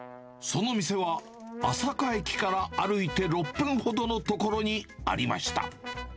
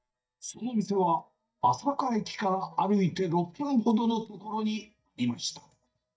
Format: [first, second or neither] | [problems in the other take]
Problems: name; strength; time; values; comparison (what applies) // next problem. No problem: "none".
first | noise reduction (neural mask model DeepFilterNet 3)